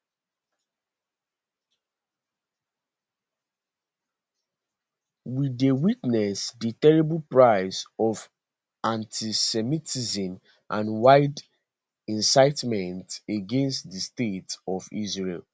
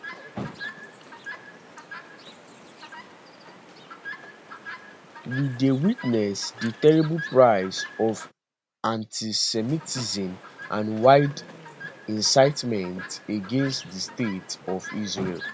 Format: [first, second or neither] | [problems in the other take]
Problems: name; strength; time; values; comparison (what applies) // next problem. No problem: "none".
first | background sound (Chirp, tweet); 15 dB below the speech